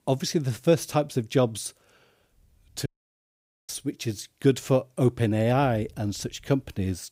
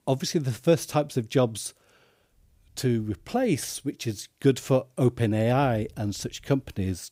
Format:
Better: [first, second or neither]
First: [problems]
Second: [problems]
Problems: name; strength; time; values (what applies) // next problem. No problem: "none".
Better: second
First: audio cutting out; at 3 s for 1 s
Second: none